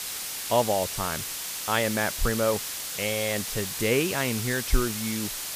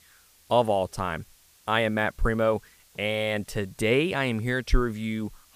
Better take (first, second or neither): second